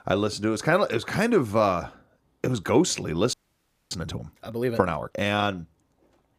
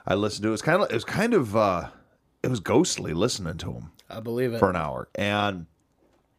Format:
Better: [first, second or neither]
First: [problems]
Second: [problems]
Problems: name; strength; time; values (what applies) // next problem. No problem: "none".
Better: second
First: audio freezing; at 3.5 s for 0.5 s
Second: none